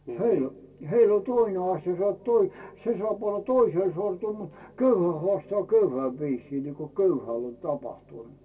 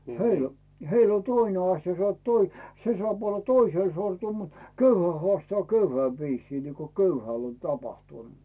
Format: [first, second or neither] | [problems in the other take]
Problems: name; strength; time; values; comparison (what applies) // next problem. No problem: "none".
second | room echo; dies away in 1.3 s